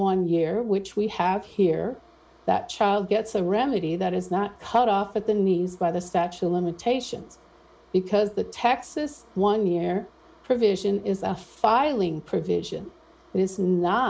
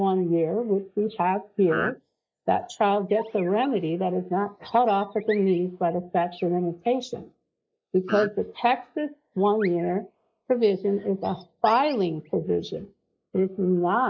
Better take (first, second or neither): first